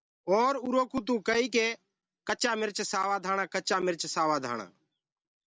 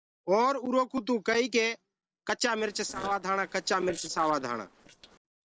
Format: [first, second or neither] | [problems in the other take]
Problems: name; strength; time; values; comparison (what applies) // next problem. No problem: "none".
first | noise reduction (neural separator model SepFormer DNS4)